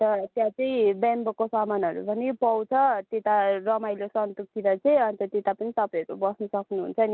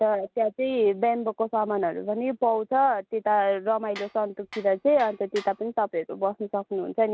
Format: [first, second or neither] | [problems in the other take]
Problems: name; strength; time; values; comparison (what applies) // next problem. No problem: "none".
first | background sound (Tools); 19 dB below the speech